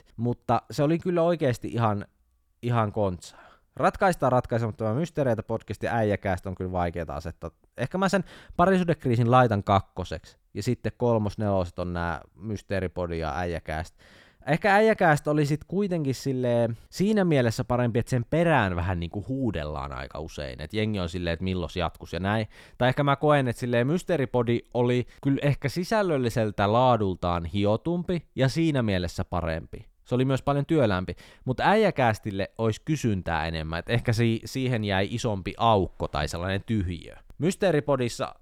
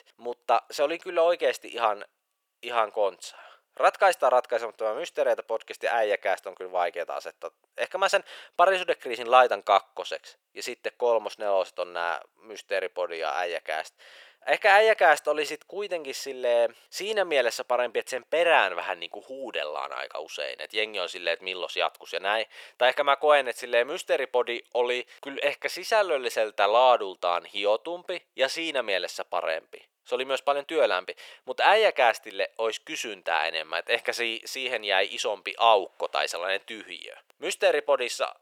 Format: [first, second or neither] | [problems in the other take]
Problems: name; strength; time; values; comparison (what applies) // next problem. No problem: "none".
first | thin; very; fading below 500 Hz